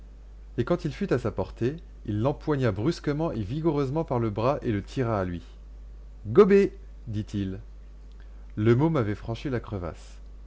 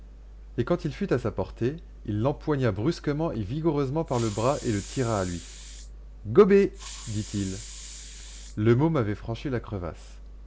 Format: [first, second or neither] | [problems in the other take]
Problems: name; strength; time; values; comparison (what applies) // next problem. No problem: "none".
first | background sound (Hiss); 17 dB below the speech